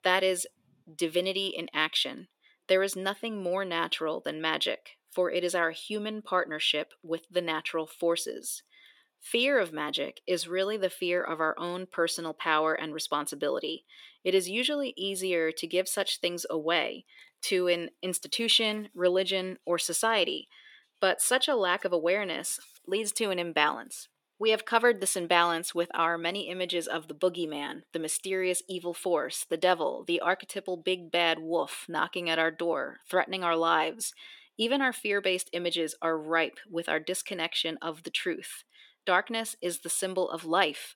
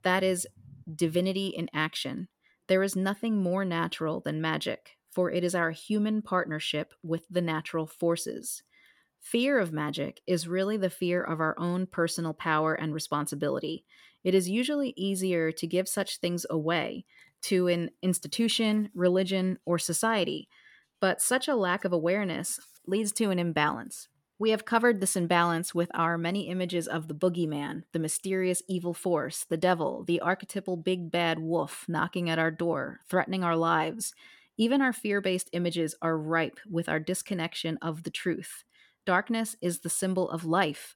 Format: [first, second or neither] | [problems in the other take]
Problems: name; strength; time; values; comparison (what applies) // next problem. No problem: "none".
second | thin; somewhat; fading below 400 Hz